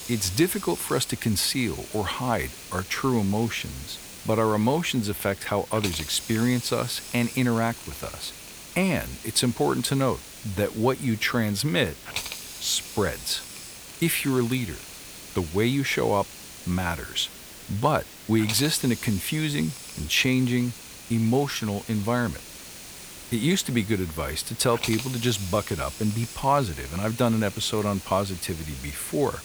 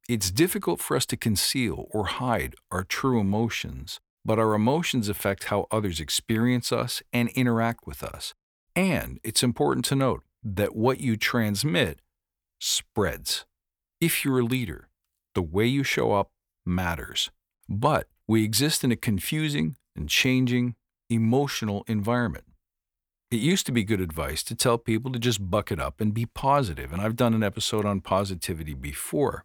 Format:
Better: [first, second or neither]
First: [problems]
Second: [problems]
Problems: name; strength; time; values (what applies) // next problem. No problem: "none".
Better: second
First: hiss; noticeable; throughout; 10 dB below the speech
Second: none